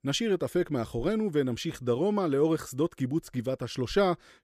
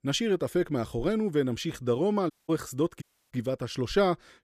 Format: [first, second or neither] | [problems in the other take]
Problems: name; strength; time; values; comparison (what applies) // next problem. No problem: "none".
first | audio cutting out; at 2.5 s and at 3 s